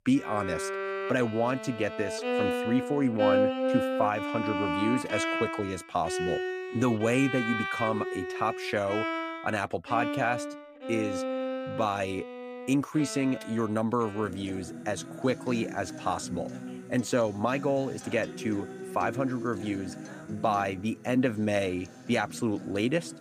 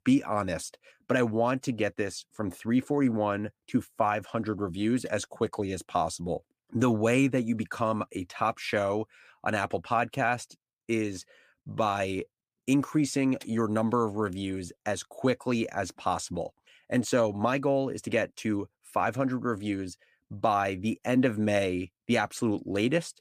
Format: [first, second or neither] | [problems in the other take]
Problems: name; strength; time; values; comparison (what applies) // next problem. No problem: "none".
second | background music; loud; throughout; 4 dB below the speech